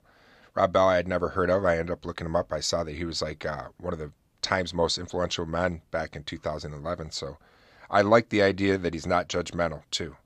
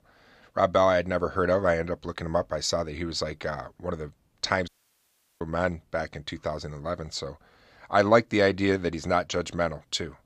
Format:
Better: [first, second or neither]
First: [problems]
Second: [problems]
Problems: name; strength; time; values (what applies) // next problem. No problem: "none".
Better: first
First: none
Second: audio cutting out; at 4.5 s for 0.5 s